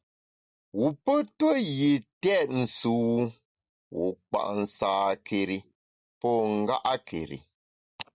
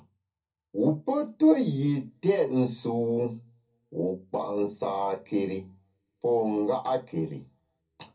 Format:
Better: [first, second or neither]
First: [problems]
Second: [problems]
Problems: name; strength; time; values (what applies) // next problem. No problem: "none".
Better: first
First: none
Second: room echo; dies away in 0.3 s